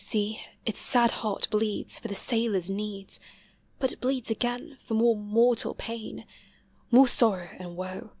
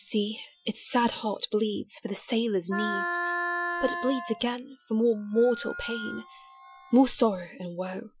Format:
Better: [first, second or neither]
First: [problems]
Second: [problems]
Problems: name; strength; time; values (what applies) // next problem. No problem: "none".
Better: first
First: none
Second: noise reduction (classical method Wiener filter)